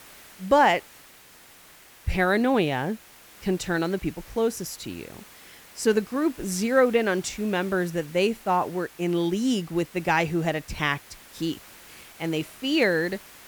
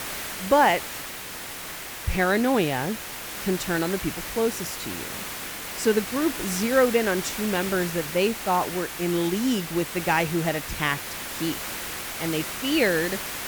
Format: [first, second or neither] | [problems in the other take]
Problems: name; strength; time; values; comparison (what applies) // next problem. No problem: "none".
first | hiss; loud; throughout; 7 dB below the speech; faint in the first